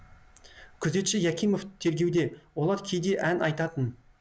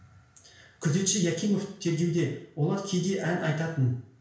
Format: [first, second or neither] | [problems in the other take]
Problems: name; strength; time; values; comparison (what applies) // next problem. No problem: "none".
first | room echo; dies away in 0.5 s